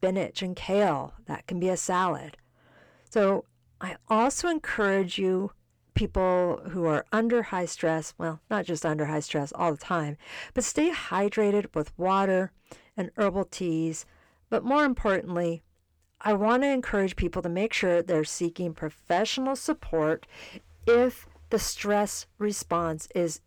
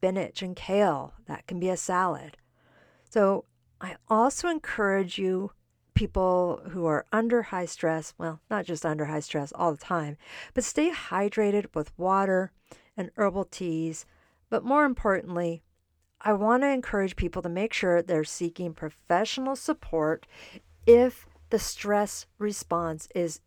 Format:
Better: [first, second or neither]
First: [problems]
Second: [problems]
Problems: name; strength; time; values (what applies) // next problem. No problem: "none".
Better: second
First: distortion; slight; 10 dB below the speech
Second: none